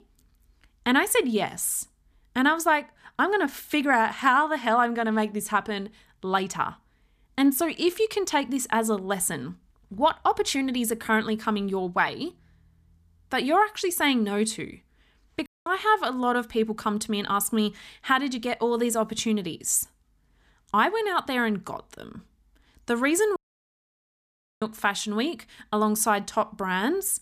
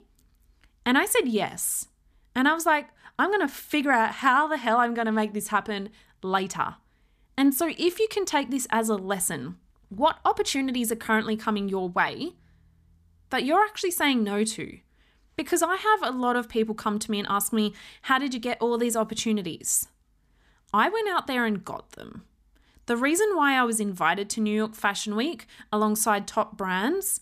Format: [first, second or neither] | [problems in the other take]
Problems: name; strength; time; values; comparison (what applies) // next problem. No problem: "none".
second | audio cutting out; at 15 s and at 23 s for 1.5 s